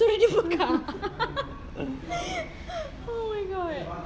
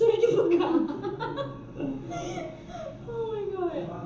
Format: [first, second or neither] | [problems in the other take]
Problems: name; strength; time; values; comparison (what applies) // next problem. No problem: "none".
first | room echo; dies away in 0.7 s